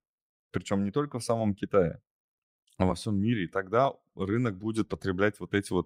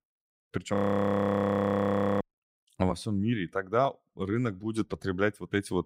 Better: first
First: none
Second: audio freezing; at 1 s for 1.5 s

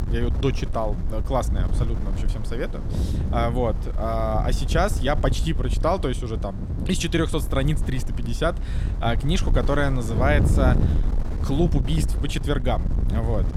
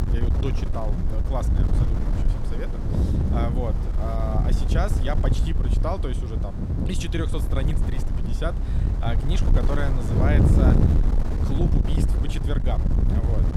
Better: first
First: wind noise on the microphone; occasional gusts; 10 dB below the speech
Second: wind noise on the microphone; heavy; 1 dB below the speech

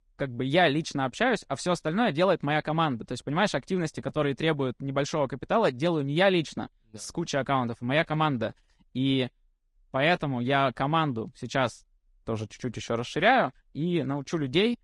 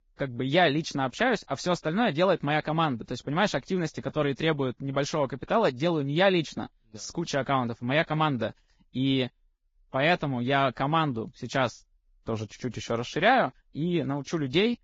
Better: first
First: garbled, watery; slightly; nothing above 10.5 kHz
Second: garbled, watery; badly; nothing above 7.5 kHz

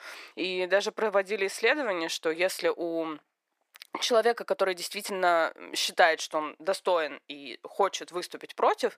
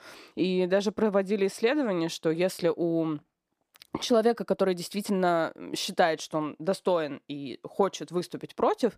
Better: second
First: thin; somewhat; fading below 550 Hz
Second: none

